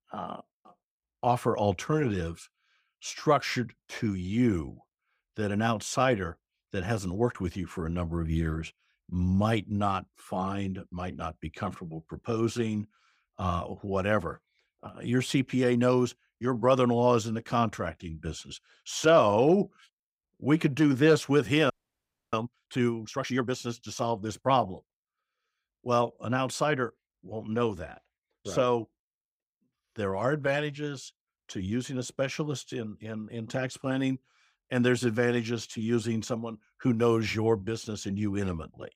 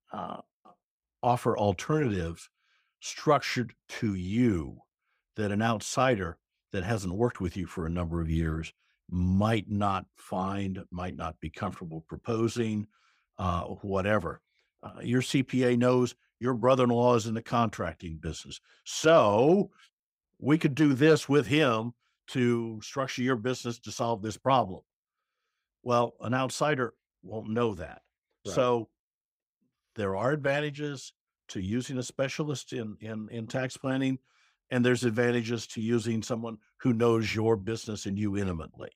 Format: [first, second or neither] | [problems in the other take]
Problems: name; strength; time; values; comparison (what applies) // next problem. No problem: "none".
second | audio freezing; at 22 s for 0.5 s